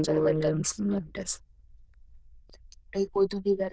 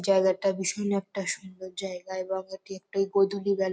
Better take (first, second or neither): second